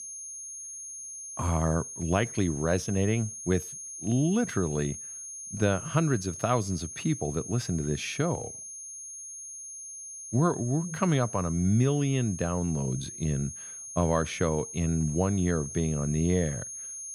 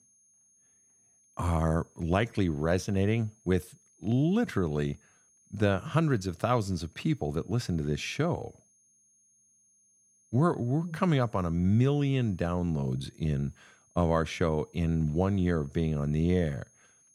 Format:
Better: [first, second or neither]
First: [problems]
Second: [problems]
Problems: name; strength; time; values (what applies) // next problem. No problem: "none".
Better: second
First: high-pitched whine; loud; throughout; 6.5 kHz, 9 dB below the speech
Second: high-pitched whine; faint; throughout; 6.5 kHz, 35 dB below the speech